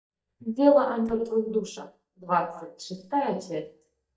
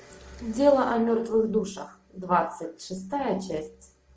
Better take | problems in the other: second | noise reduction (neural mask model DeepFilterNet 3)

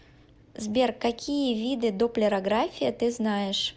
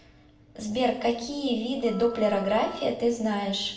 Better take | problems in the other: first | background sound (Wind instrument, woodwind instrument); 20 dB below the speech // room echo; dies away in 0.6 s

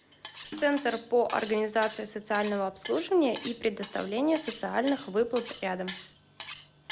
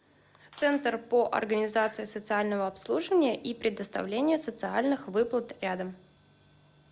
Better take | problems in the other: second | background sound (Cutlery, silverware); 16 dB below the speech

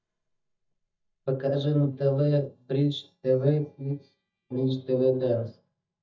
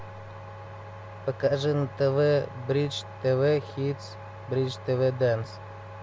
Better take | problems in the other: second | noise reduction (neural mask model DeepFilterNet 3)

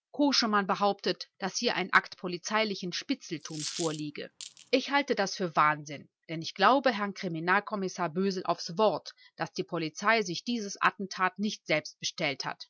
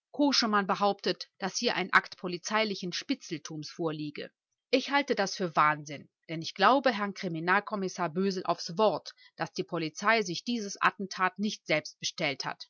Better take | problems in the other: second | background sound (Coin (dropping)); 13 dB below the speech

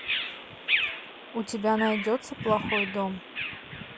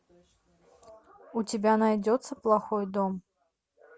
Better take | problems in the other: second | background sound (Bird vocalization, bird call, bird song); 2 dB below the speech

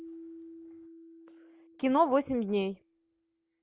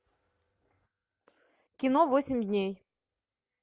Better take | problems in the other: second | background sound (Keyboard (musical)); 19 dB below the speech

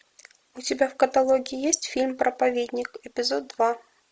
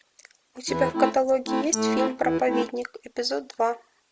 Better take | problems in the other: first | background sound (Accordion); as loud as the speech

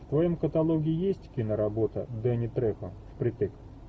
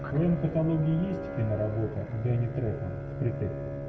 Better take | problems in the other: first | background sound (Bowed string instrument); 8 dB below the speech // room echo; dies away in 1.6 s

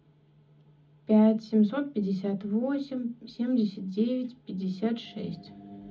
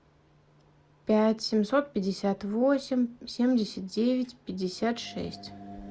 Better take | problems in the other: second | room echo; dies away in 0.4 s

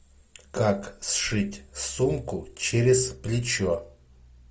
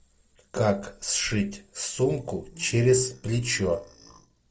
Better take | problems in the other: first | noise reduction (neural separator model SepFormer DNS4)

